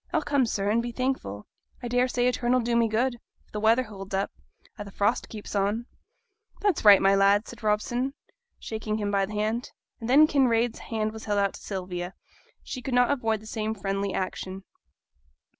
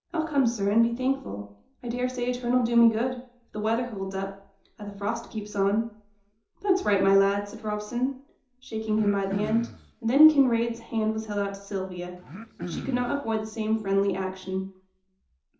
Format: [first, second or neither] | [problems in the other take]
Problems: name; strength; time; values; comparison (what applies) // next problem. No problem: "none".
first | background sound (Cough); 11 dB below the speech // room echo; dies away in 0.6 s